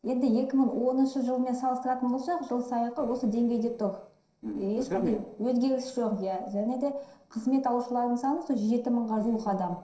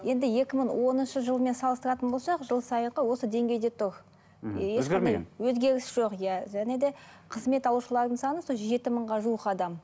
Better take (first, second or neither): second